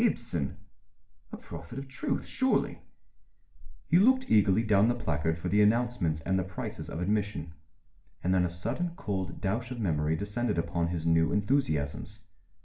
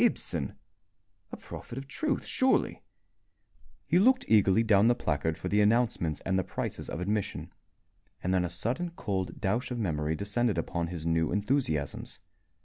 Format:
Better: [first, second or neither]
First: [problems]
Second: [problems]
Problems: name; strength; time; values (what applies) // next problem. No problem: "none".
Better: second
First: room echo; dies away in 0.4 s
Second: none